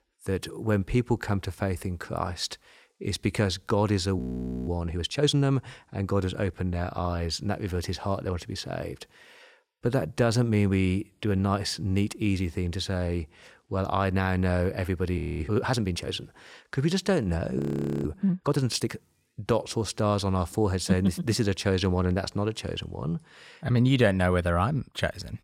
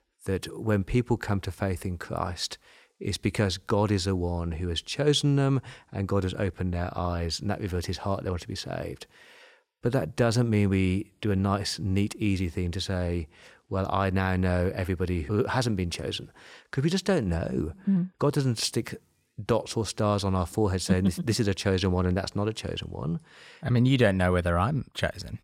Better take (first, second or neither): second